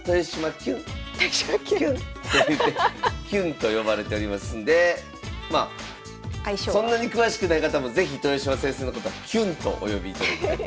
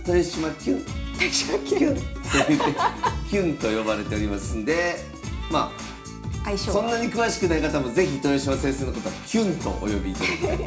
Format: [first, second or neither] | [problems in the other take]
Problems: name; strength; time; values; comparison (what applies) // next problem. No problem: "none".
first | room echo; dies away in 0.4 s